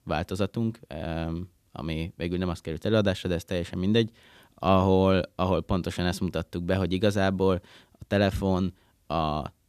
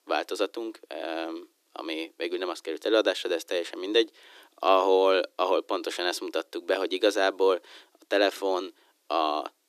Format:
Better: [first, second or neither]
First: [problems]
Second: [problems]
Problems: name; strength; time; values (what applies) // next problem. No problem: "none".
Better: first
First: none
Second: thin; very; fading below 300 Hz